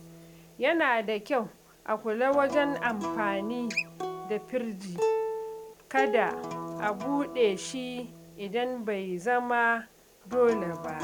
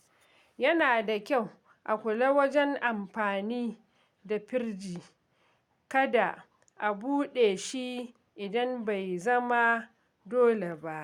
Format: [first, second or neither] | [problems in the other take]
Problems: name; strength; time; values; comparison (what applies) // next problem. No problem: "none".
second | background sound (Acoustic guitar); 7 dB below the speech